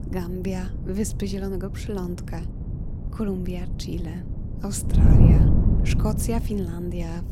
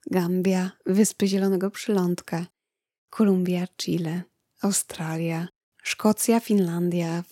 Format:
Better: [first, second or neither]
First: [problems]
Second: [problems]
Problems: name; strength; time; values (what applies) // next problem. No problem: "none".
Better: second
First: wind noise on the microphone; heavy; 2 dB below the speech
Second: none